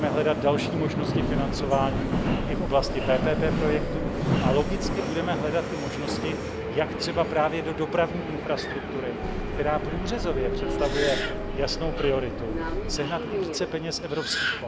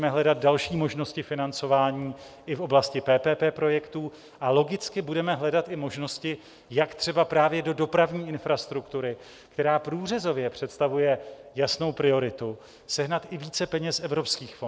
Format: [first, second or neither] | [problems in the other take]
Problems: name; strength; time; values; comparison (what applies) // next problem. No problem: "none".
second | background sound (Subway, metro, underground + Subway, metro, underground); as loud as the speech